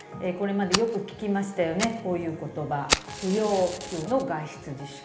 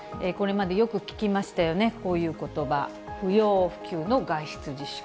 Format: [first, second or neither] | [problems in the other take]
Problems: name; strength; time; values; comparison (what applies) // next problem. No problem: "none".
second | background sound (Fire); 7 dB below the speech // room echo; dies away in 1 s